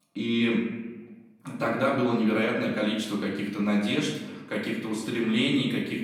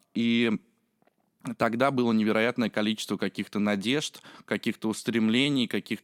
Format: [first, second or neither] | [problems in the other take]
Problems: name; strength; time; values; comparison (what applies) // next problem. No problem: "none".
second | room echo; noticeable; dies away in 1 s // off-mic speech; far